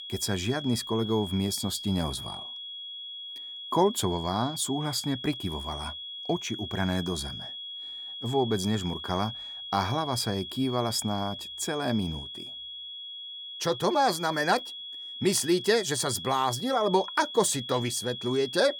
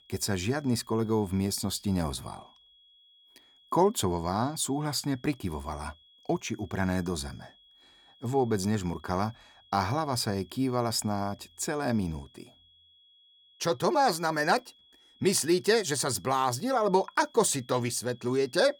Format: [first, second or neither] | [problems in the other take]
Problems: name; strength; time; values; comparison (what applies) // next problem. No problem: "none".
second | high-pitched whine; loud; throughout; 3.5 kHz, 9 dB below the speech; faint in the second